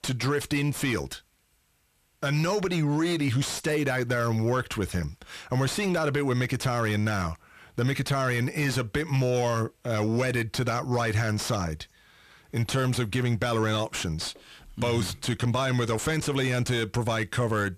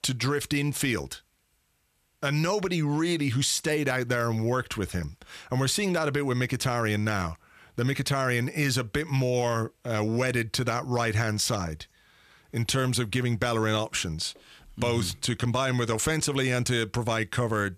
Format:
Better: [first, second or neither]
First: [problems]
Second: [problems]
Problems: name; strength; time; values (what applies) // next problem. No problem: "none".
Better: second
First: distortion; slight; 10 dB below the speech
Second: none